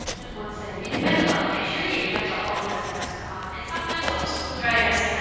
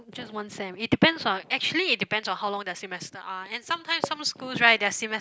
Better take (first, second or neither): second